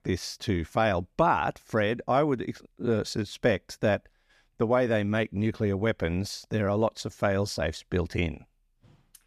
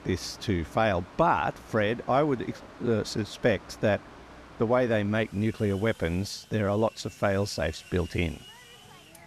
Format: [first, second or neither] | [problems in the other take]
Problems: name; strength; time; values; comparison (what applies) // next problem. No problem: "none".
first | machinery noise; faint; throughout; 20 dB below the speech